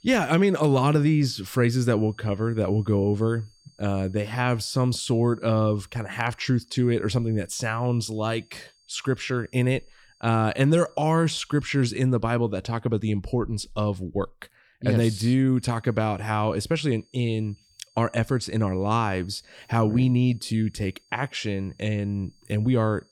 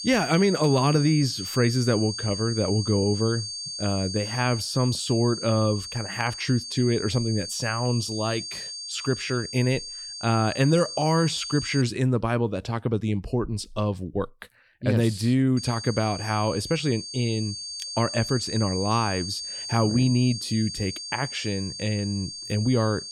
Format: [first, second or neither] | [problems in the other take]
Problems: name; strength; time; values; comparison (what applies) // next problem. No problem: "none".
first | high-pitched whine; loud; until 12 s and from 16 s on; 4.5 kHz, 7 dB below the speech; faint in the first